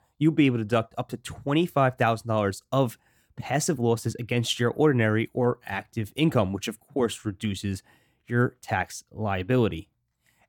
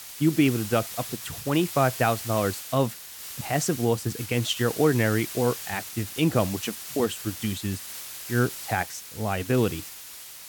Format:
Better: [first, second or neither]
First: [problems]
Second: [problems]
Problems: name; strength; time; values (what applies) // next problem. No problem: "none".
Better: first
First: none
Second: hiss; loud; throughout; 9 dB below the speech